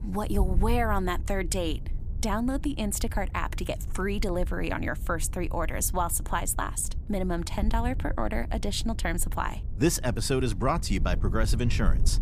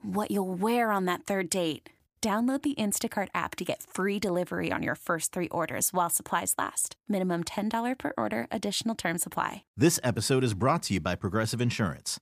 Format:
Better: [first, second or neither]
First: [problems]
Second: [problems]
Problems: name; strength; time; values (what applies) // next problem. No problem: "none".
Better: second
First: wind noise on the microphone; occasional gusts; 20 dB below the speech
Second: none